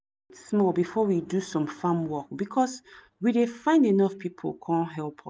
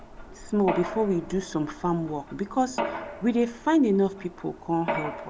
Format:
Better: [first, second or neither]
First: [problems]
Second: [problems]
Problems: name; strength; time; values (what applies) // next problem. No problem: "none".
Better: first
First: none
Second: background sound (Mechanisms); 9 dB below the speech